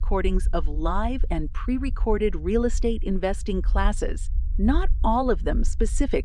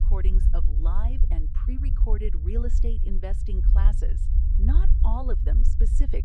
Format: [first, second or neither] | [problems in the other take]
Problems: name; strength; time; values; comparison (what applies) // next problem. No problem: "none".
first | low rumble; loud; throughout; 5 dB below the speech; faint in the first